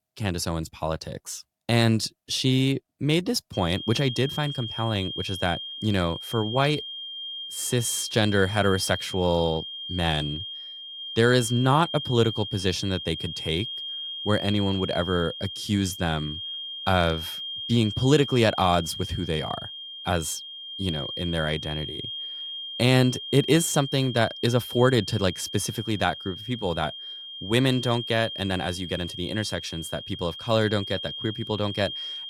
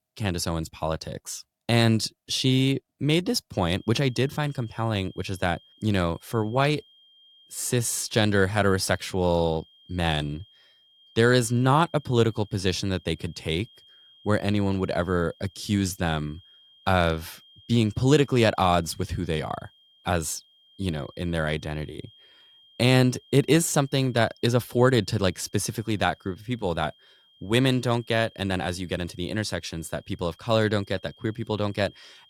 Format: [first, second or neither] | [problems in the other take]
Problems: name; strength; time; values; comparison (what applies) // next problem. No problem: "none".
second | high-pitched whine; loud; from 3.5 s on; 3 kHz, 8 dB below the speech; faint in the second